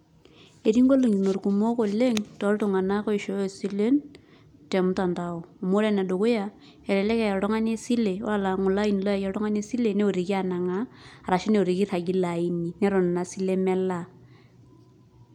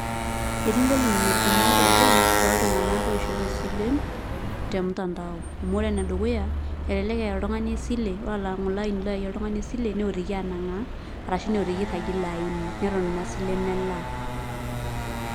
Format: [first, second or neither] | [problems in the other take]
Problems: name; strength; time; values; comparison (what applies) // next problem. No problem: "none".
first | background sound (Motorcycle); 1 dB above the speech